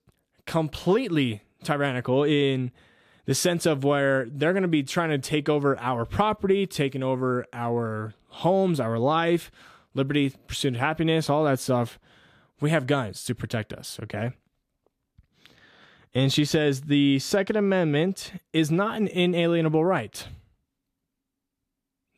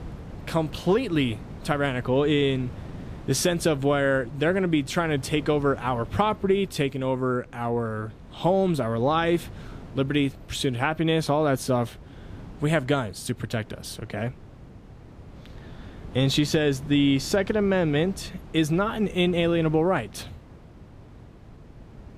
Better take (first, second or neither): first